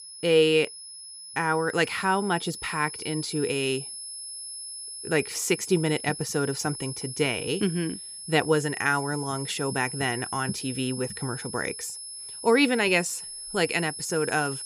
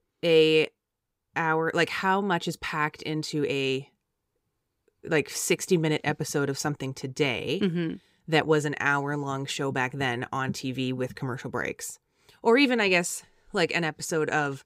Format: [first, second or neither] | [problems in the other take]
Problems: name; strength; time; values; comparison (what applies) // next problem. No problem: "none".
second | high-pitched whine; loud; throughout; 10.5 kHz, 9 dB below the speech